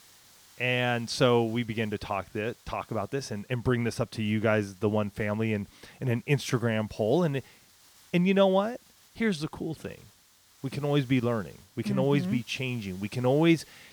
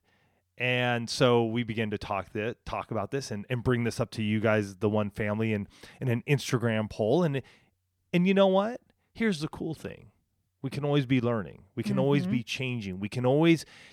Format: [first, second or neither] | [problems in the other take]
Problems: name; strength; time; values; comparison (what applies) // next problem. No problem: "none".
second | hiss; faint; throughout; 25 dB below the speech